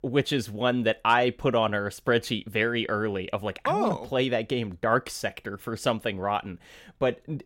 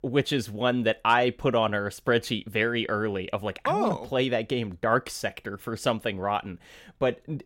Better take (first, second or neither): neither